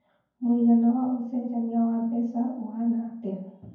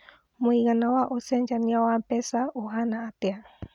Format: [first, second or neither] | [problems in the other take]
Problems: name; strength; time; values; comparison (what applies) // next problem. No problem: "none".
second | room echo; dies away in 0.9 s